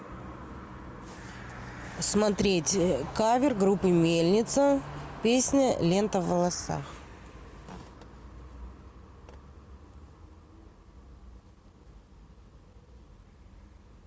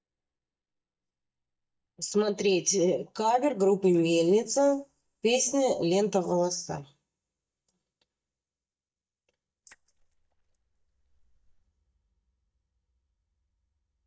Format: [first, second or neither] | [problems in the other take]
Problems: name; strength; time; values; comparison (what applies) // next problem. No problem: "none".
first | noise reduction (neural mask model DeepFilterNet 3)